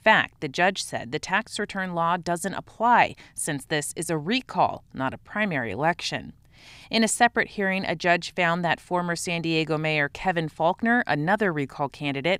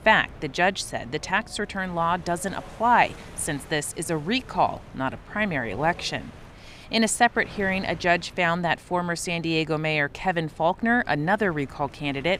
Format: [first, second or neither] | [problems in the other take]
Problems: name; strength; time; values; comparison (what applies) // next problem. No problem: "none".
first | wind noise on the microphone; occasional gusts; 25 dB below the speech